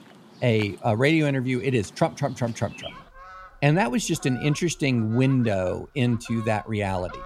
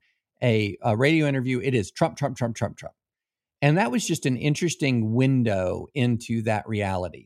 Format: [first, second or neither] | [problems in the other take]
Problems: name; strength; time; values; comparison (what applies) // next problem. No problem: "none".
second | animal sounds; faint; throughout; 20 dB below the speech